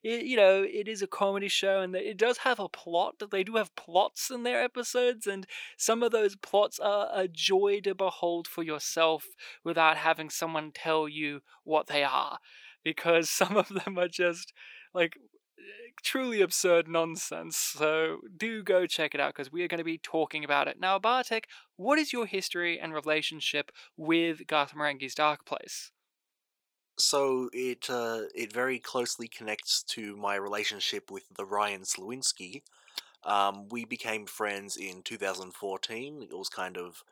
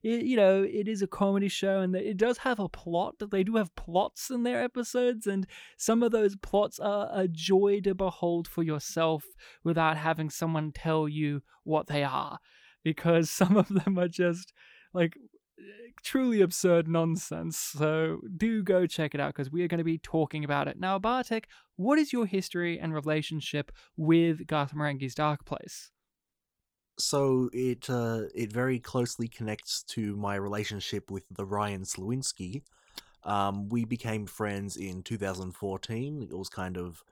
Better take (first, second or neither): second